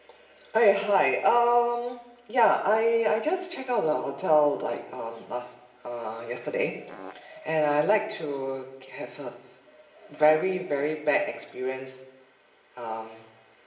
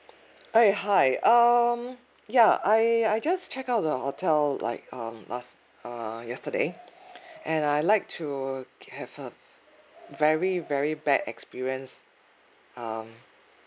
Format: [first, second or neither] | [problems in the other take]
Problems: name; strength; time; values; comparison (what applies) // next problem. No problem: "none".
second | background sound (Fart); 15 dB below the speech // room echo; dies away in 0.8 s